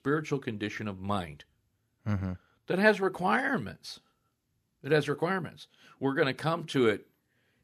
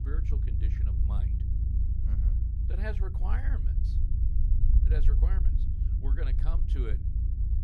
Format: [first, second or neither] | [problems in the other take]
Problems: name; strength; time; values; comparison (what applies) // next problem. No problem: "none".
first | low rumble; loud; throughout; 3 dB below the speech